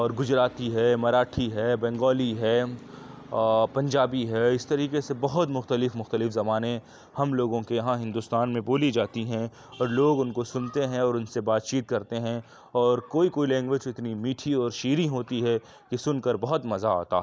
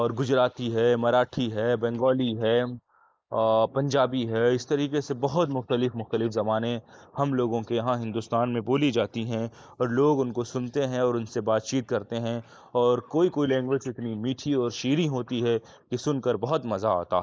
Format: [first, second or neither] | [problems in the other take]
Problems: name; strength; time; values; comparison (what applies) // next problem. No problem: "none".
first | noise reduction (neural mask model Resemble Enhance denoiser)